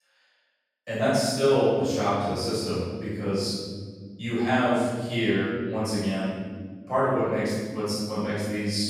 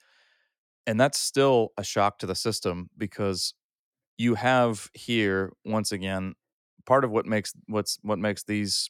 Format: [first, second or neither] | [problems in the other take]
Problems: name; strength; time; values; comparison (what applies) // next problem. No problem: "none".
second | off-mic speech; far // room echo; strong; dies away in 2 s